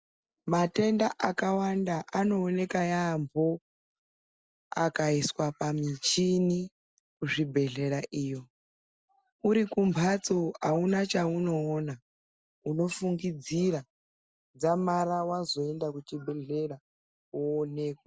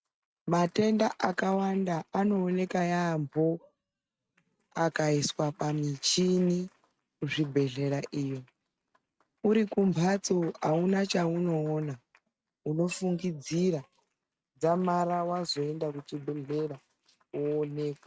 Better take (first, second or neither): first